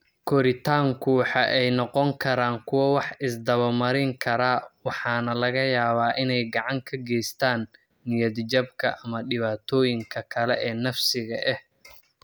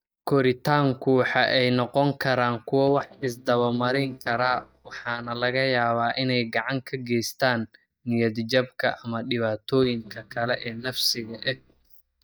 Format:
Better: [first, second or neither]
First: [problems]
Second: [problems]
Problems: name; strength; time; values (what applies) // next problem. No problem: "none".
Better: first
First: none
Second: noise reduction (neural mask model DeepFilterNet 3)